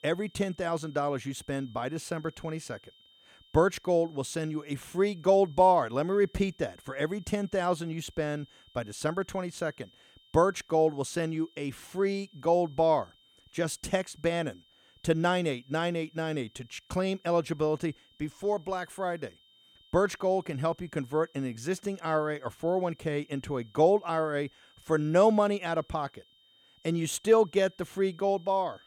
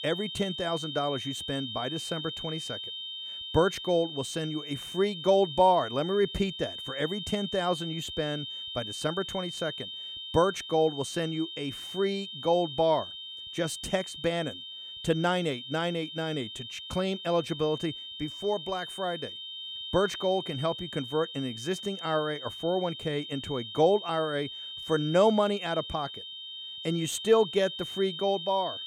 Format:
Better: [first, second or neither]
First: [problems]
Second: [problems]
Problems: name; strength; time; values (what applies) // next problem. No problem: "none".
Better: first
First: high-pitched whine; faint; throughout; 3 kHz, 30 dB below the speech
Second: high-pitched whine; loud; throughout; 3 kHz, 8 dB below the speech